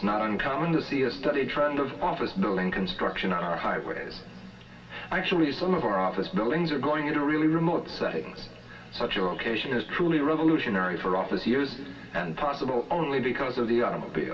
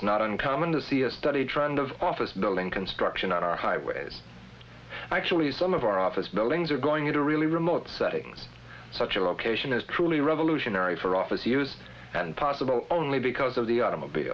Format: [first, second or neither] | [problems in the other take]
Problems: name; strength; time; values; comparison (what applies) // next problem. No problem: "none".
second | room echo; dies away in 2.2 s